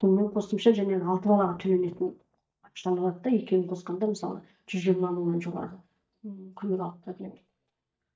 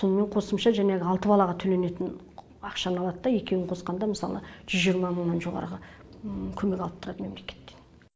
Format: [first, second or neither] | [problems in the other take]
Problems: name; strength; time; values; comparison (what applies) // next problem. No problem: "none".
second | noise reduction (neural mask model DeepFilterNet 3)